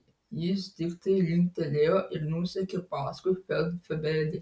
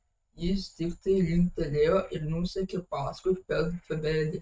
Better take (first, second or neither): first